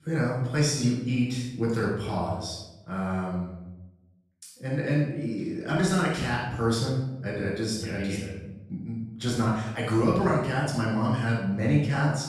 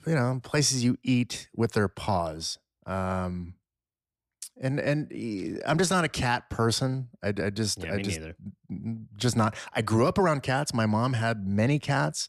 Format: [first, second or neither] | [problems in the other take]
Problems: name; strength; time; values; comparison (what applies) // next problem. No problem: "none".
second | off-mic speech; far // room echo; noticeable; dies away in 0.8 s